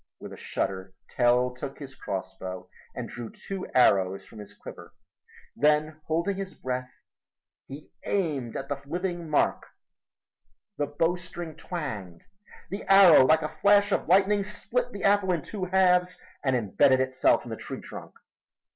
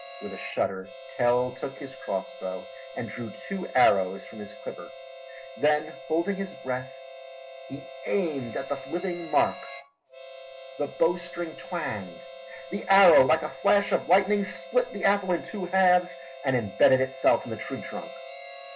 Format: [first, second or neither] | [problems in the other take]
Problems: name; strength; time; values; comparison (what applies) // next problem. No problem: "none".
first | background sound (Harmonica); 15 dB below the speech // room echo; dies away in 0.2 s